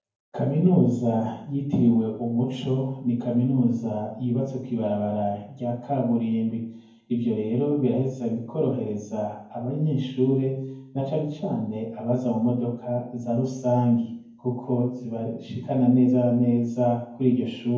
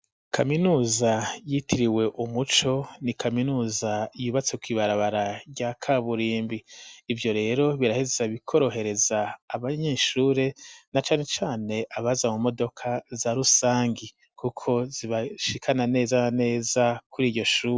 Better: second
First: room echo; dies away in 0.9 s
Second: none

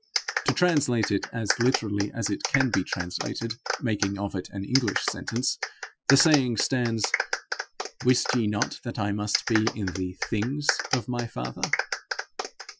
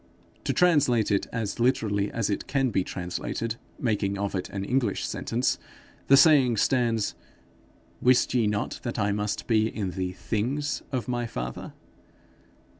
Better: second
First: noise reduction (classical method Wiener filter)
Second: none

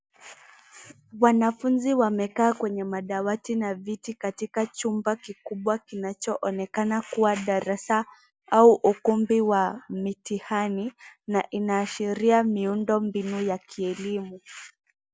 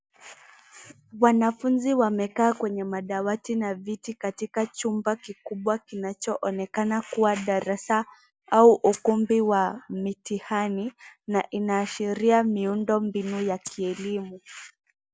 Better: first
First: none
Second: background sound (Rattle (instrument)); 17 dB below the speech

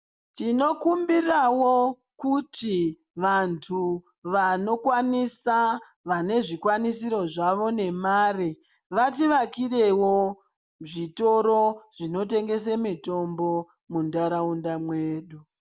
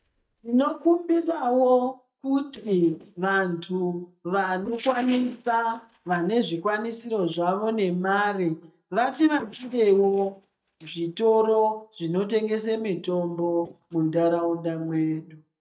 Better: first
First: none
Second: noise reduction (neural mask model DeepFilterNet 3)

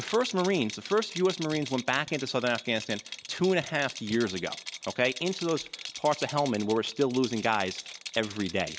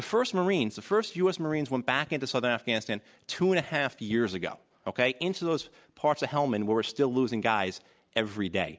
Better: second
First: background sound (Rattle); 12 dB below the speech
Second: none

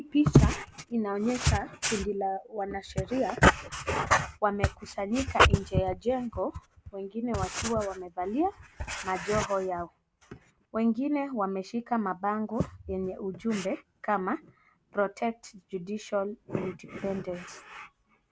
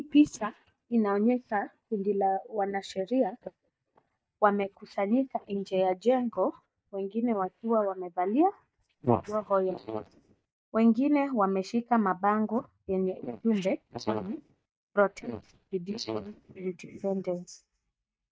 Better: first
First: none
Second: noise reduction (neural mask model DeepFilterNet 3)

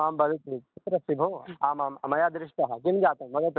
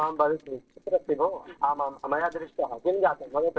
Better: first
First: none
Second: noise reduction (neural separator model SepFormer DNS4)

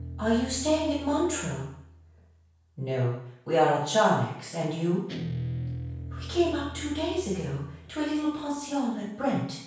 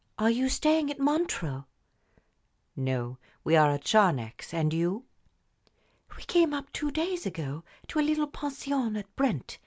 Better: second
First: background sound (Guitar); 12 dB below the speech // room echo; dies away in 0.7 s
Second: none

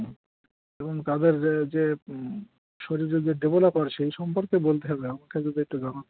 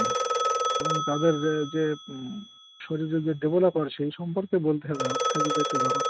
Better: first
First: none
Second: background sound (Telephone); 2 dB below the speech

